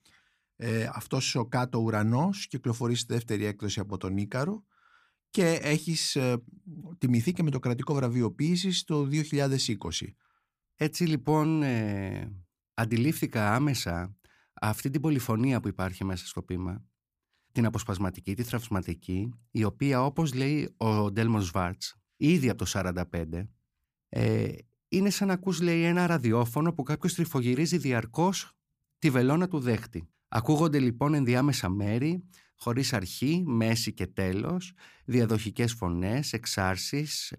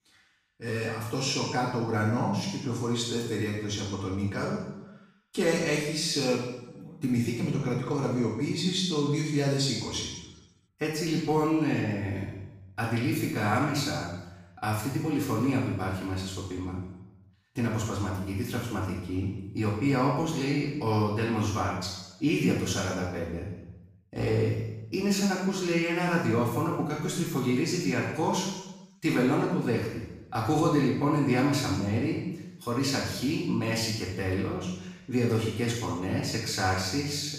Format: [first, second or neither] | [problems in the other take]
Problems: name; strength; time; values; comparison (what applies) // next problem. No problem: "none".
first | room echo; strong; dies away in 0.8 s // off-mic speech; far